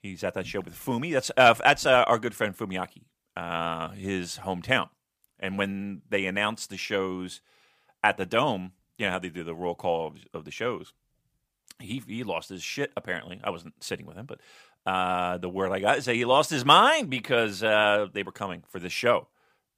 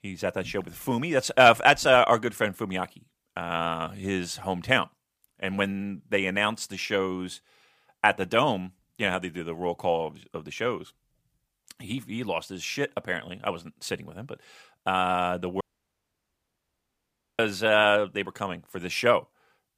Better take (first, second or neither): first